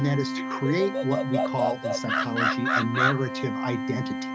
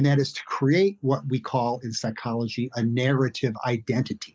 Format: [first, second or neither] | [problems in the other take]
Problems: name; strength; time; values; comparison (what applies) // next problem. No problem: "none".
second | background sound (Organ + Animal); 1 dB above the speech